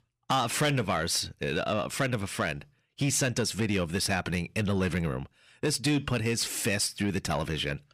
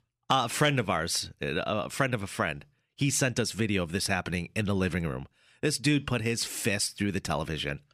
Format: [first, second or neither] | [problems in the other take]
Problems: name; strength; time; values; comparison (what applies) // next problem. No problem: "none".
second | distortion; slight; 10 dB below the speech